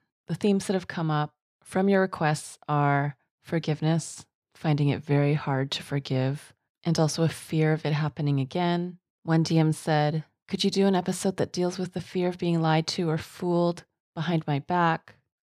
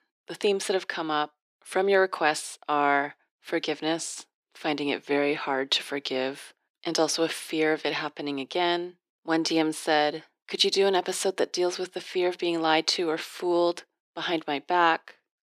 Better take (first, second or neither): first